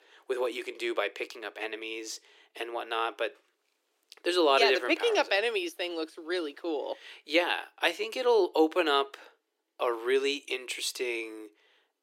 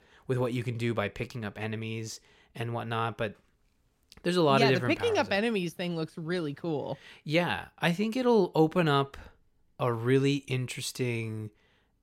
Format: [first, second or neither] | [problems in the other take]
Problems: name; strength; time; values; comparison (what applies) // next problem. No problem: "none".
second | thin; very; fading below 300 Hz